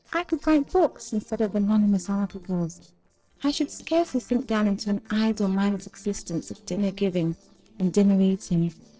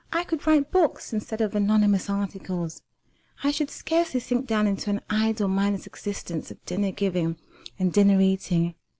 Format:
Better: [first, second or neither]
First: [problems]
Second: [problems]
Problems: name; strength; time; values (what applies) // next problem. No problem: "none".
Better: second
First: noise reduction (neural separator model SepFormer DNS4)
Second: none